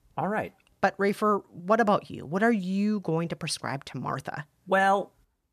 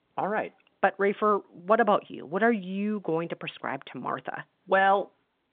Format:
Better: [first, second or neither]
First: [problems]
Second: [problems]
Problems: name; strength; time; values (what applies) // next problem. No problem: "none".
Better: first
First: none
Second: phone-call audio